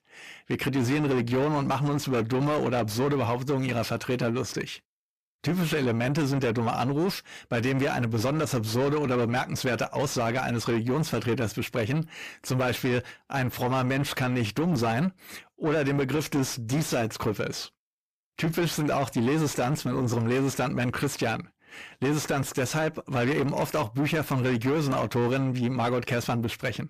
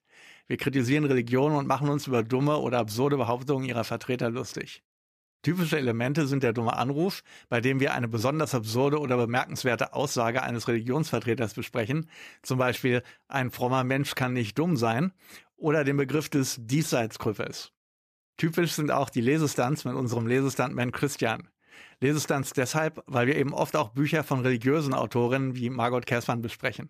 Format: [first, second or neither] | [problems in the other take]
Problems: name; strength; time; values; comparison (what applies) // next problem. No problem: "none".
second | distortion; heavy; 7 dB below the speech